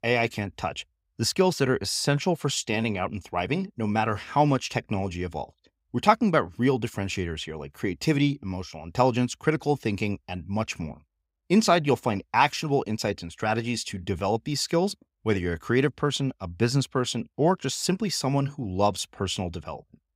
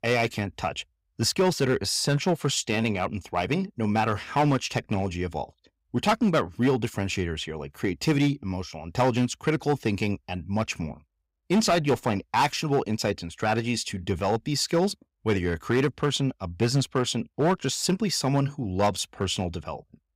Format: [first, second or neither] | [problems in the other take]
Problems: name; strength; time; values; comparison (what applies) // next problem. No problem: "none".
first | distortion; slight; 4% of the sound clipped